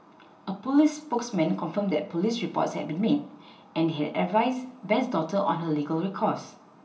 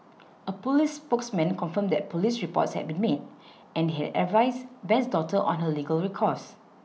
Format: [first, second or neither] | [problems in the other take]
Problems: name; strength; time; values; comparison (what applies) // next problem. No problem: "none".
second | room echo; dies away in 0.4 s